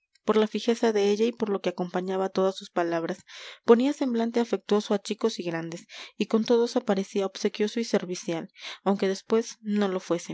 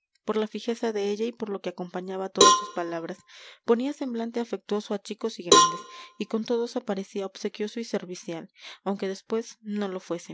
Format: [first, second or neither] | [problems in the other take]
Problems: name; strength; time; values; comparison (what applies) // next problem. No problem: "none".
first | background sound (Cowbell); 5 dB above the speech